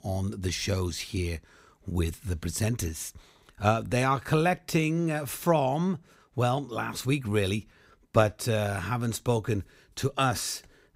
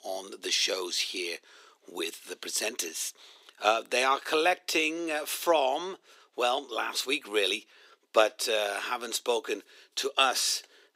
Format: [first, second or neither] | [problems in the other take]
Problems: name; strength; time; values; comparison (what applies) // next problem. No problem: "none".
first | thin; very; fading below 350 Hz